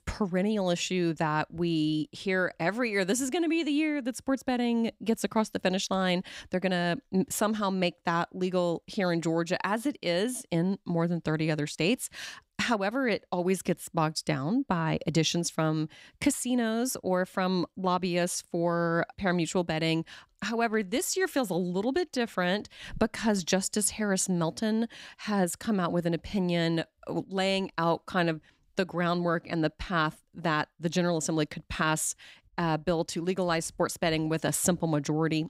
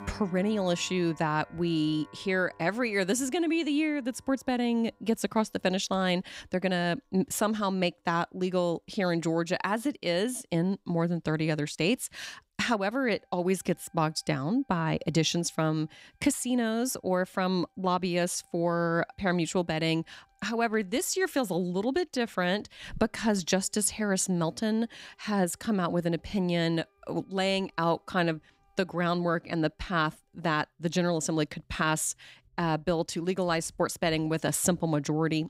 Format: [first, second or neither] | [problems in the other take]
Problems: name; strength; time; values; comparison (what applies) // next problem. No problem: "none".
first | background music; faint; throughout; 30 dB below the speech